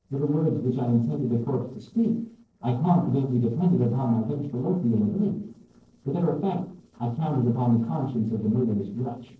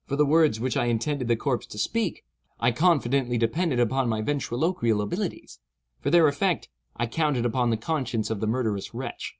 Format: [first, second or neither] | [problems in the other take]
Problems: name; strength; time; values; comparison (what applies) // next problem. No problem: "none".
second | noise reduction (neural separator model SepFormer DNS4)